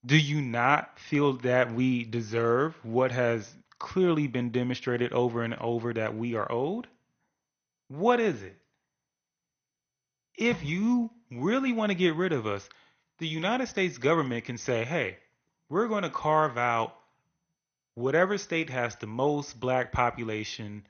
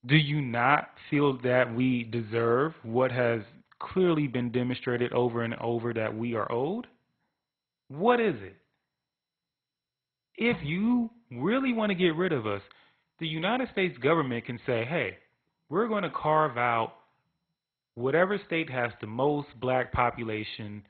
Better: first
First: garbled, watery; slightly; nothing above 6.5 kHz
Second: garbled, watery; badly; nothing above 3.5 kHz

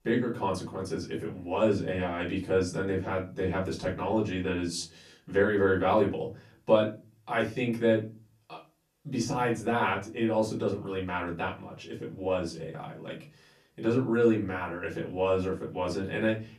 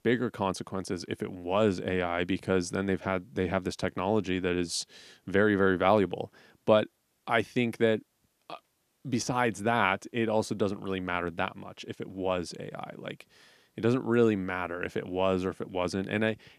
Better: second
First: off-mic speech; far // room echo; very slight; dies away in 0.3 s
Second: none

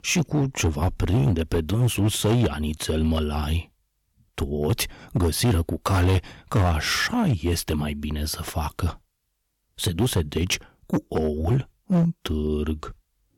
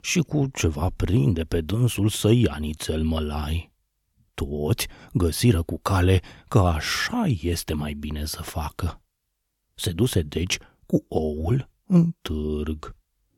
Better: second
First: distortion; slight; 7% of the sound clipped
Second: none

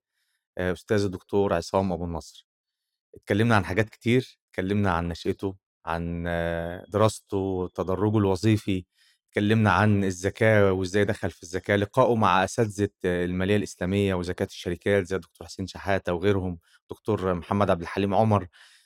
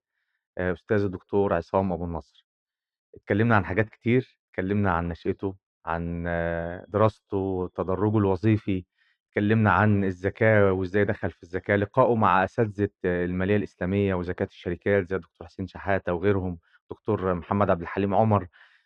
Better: first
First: none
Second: muffled; very; fading above 2 kHz

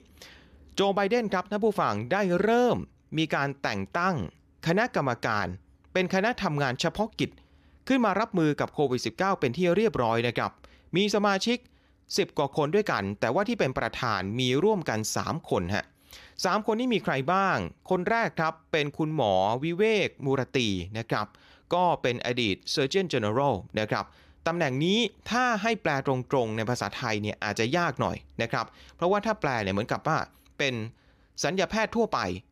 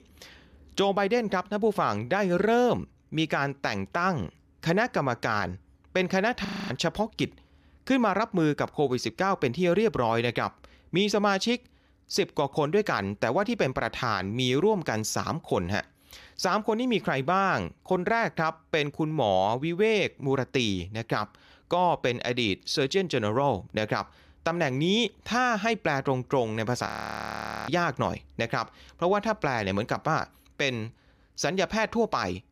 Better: first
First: none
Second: audio freezing; at 6.5 s and at 27 s for 1 s

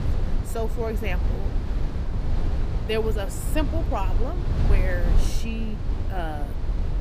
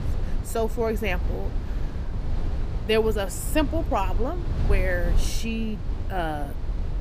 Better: second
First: wind noise on the microphone; heavy; 7 dB below the speech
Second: wind noise on the microphone; occasional gusts; 15 dB below the speech

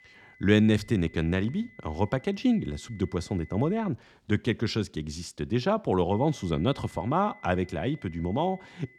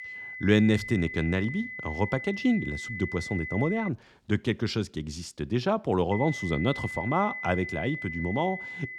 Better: first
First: high-pitched whine; faint; until 4 s and from 6 s on; 2 kHz, 25 dB below the speech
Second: high-pitched whine; loud; until 4 s and from 6 s on; 2 kHz, 7 dB below the speech

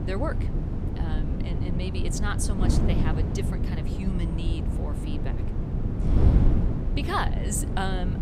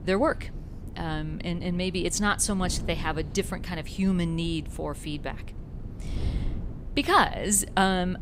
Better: second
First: wind noise on the microphone; heavy; 3 dB below the speech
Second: wind noise on the microphone; occasional gusts; 20 dB below the speech

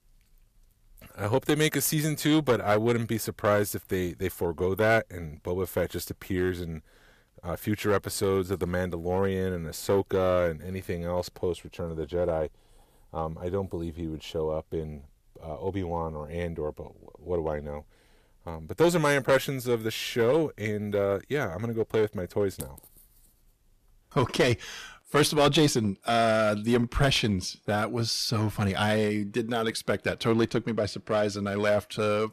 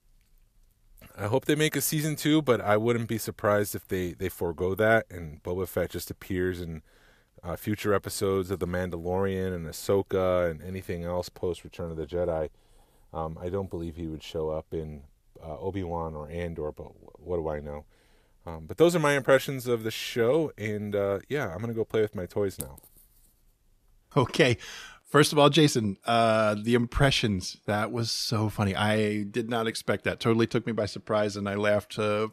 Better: second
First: distortion; slight; 3% of the sound clipped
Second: none

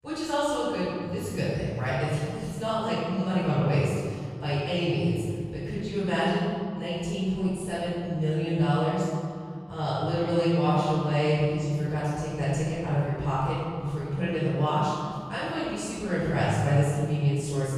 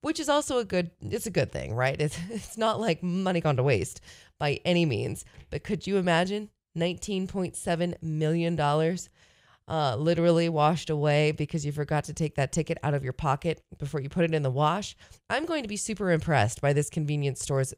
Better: second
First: off-mic speech; far // room echo; strong; dies away in 2.2 s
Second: none

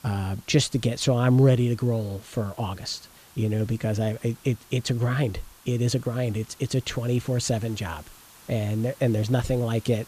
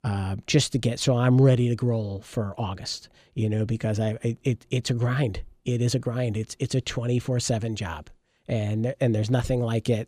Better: second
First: hiss; faint; throughout; 25 dB below the speech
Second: none

